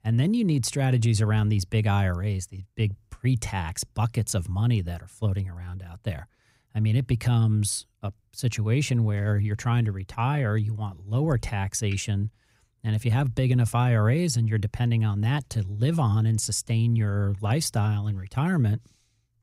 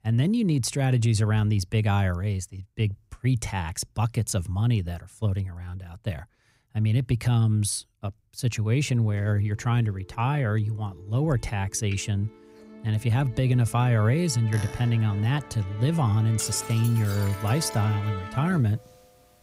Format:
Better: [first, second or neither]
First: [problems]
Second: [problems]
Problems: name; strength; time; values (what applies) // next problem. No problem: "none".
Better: first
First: none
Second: background music; noticeable; from 9 s on; 15 dB below the speech